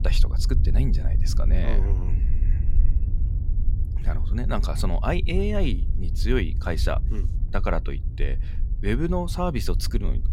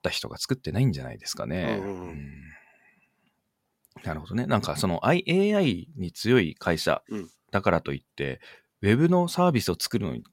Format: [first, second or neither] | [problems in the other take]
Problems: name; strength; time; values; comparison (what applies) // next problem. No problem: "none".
second | low rumble; noticeable; throughout; 15 dB below the speech